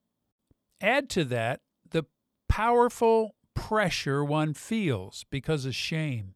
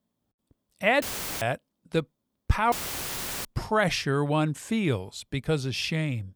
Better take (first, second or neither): first